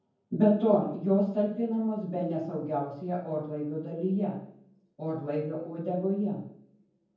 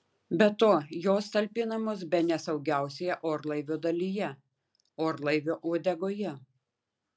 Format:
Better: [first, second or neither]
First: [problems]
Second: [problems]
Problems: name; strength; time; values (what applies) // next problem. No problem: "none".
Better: second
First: room echo; dies away in 0.9 s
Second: none